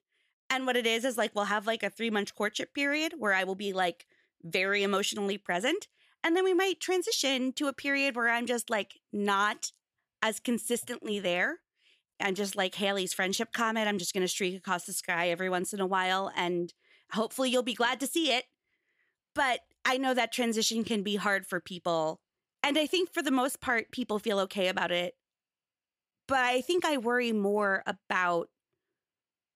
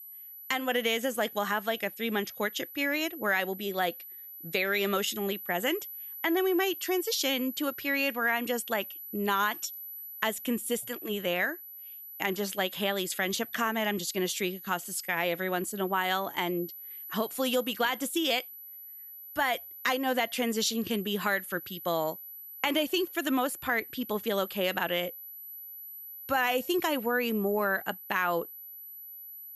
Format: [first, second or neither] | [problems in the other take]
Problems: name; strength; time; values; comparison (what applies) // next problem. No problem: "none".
first | high-pitched whine; noticeable; throughout; 12 kHz, 10 dB below the speech